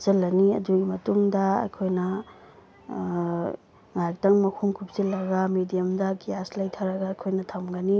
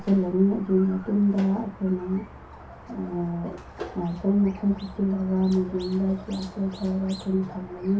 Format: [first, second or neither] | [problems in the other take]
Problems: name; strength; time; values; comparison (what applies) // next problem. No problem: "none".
first | background sound (Squeak); 17 dB below the speech // room echo; dies away in 0.3 s